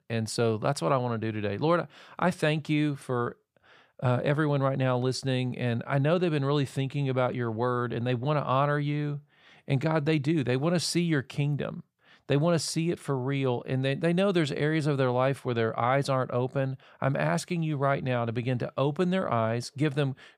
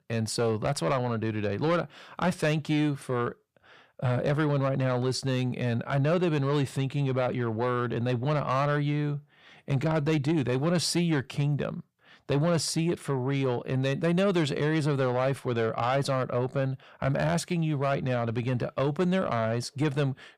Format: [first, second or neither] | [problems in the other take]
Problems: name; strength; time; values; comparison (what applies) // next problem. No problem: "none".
first | distortion; slight; 10 dB below the speech